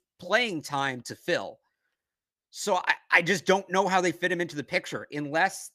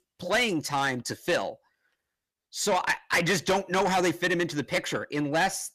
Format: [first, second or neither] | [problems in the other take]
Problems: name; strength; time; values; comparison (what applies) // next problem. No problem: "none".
first | distortion; heavy; 6 dB below the speech